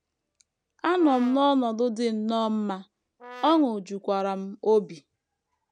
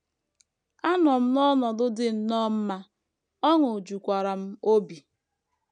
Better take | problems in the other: second | background sound (Brass instrument); 18 dB below the speech

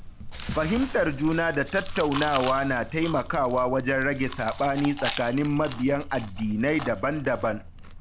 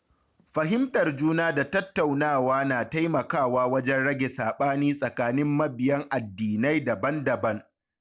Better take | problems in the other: second | background sound (Chewing, mastication); 10 dB below the speech

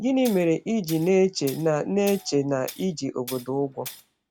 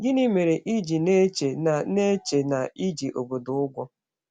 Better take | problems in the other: second | background sound (Tools); 19 dB below the speech

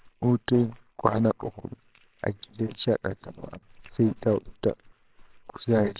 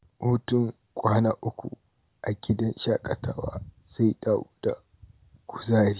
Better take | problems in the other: second | noise reduction (neural separator model SepFormer WHAMR!)

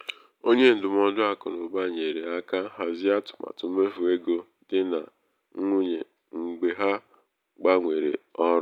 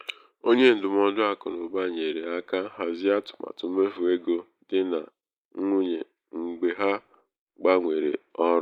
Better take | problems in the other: first | noise reduction (neural mask model Resemble Enhance denoiser)

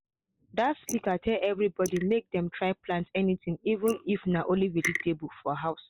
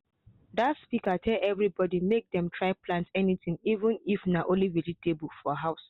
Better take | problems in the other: second | noise reduction (neural mask model Resemble Enhance denoiser)

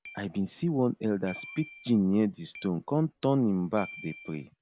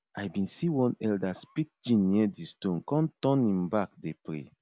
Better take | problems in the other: second | background sound (Keyboard (musical)); 19 dB below the speech

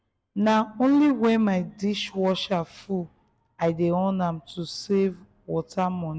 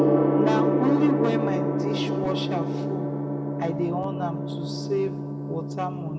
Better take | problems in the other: first | background sound (Gong); 4 dB above the speech // room echo; dies away in 0.8 s

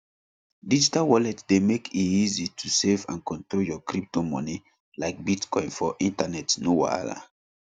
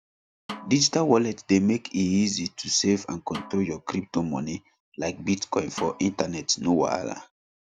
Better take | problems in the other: first | background sound (Snare drum); 18 dB below the speech

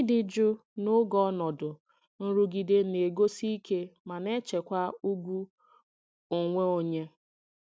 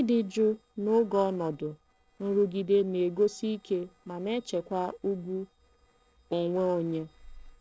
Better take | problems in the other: first | noise reduction (neural separator model SepFormer DNS4)

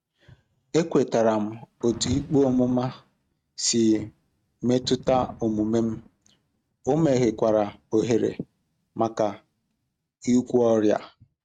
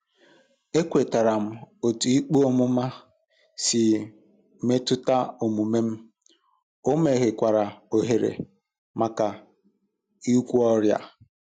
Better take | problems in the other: second | noise reduction (neural mask model RNNoise)

